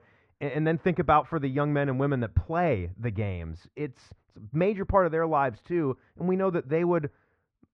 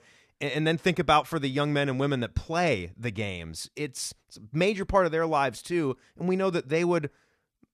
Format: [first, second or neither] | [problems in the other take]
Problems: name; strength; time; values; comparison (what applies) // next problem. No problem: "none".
second | muffled; very; fading above 1.5 kHz